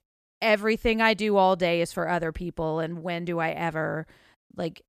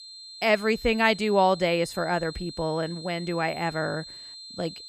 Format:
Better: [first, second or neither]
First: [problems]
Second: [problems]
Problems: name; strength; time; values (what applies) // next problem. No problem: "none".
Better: first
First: none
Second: high-pitched whine; noticeable; throughout; 4 kHz, 15 dB below the speech